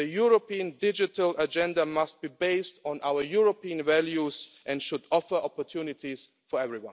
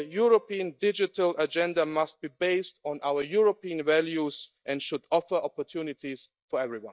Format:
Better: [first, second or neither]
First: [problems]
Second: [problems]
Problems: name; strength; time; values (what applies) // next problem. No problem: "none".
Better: first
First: none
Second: noise reduction (neural mask model DeepFilterNet 3)